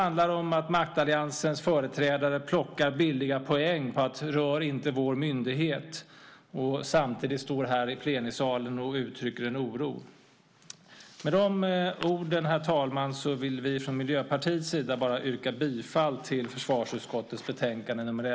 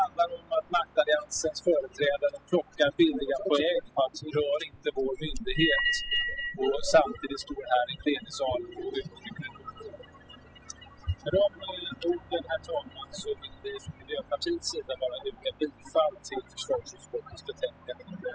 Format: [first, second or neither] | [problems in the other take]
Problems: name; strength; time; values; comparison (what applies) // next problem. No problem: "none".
first | noise reduction (classical method spectral subtraction)